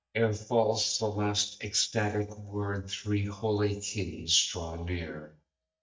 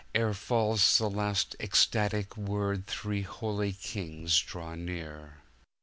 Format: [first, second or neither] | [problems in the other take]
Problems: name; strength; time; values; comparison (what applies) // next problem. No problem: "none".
second | noise reduction (neural mask model DeepFilterNet 3)